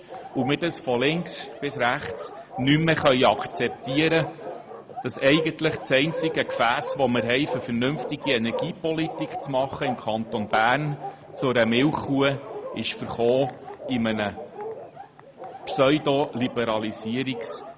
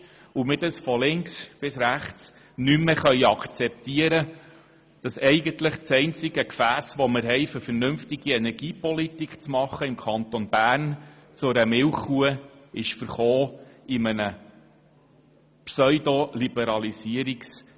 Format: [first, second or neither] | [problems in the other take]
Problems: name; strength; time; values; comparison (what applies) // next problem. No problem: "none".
second | background sound (Bark); 10 dB below the speech